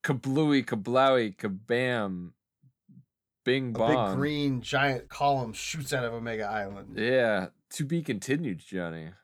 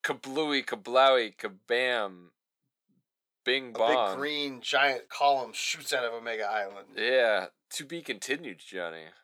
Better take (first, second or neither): first